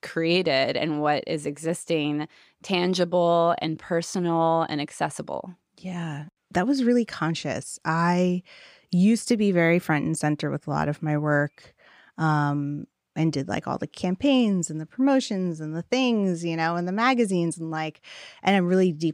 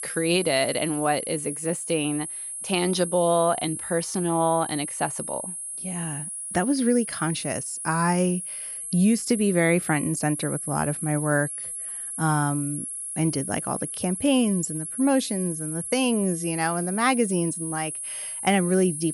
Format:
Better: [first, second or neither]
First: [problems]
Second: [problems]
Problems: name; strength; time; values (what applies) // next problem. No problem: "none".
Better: first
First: none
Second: high-pitched whine; loud; throughout; 11 kHz, 6 dB below the speech